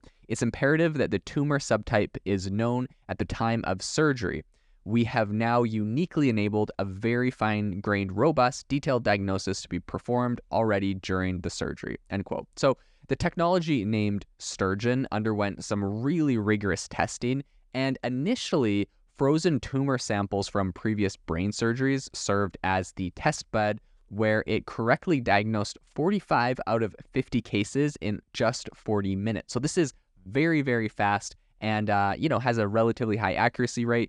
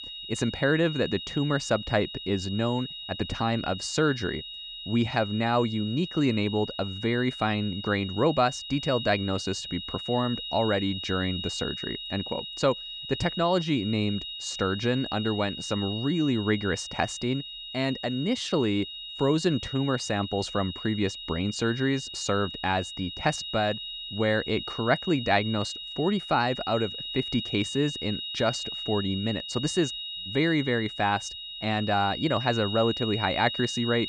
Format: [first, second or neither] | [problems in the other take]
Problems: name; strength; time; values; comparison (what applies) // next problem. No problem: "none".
first | high-pitched whine; loud; throughout; 4 kHz, 7 dB below the speech